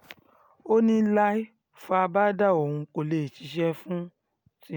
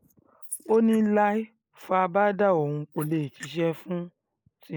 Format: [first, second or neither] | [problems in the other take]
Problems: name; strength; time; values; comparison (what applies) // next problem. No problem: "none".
first | noise reduction (neural mask model Resemble Enhance denoiser)